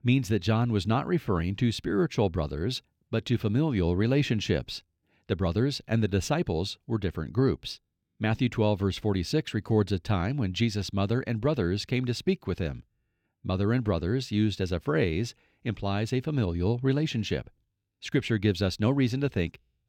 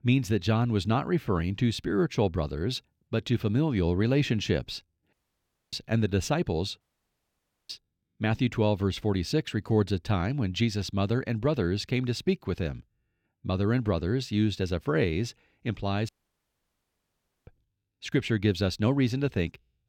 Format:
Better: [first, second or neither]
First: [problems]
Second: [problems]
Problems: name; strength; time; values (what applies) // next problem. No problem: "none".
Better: first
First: none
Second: audio cutting out; at 5 s for 0.5 s, at 7 s for 1 s and at 16 s for 1.5 s